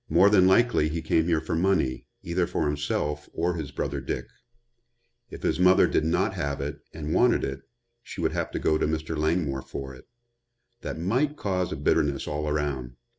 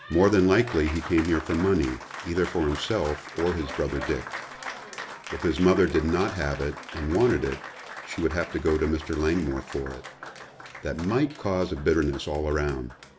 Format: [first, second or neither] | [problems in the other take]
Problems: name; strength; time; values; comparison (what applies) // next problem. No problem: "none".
first | background sound (Applause); 13 dB below the speech